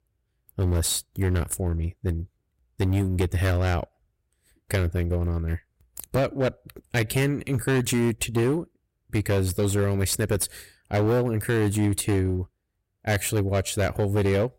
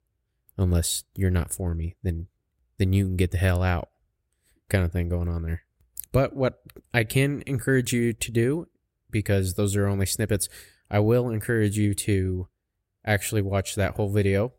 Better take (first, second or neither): second